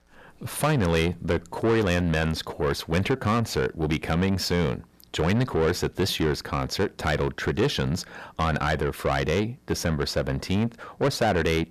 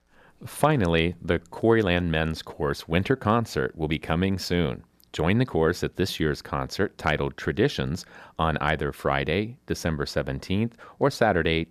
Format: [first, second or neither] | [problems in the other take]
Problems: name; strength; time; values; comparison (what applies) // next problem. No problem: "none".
second | distortion; heavy; 8 dB below the speech